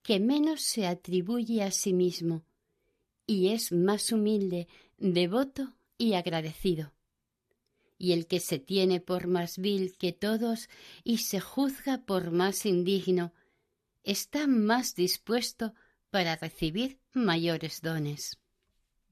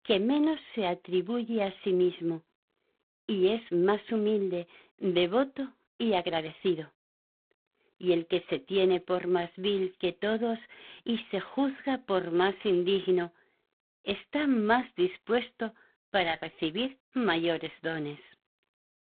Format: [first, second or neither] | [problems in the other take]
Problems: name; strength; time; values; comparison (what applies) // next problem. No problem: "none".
first | phone-call audio; poor line